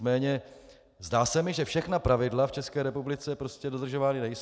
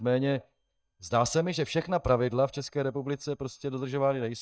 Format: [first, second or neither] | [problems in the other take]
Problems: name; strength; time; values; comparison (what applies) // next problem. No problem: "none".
first | noise reduction (neural mask model DeepFilterNet 3)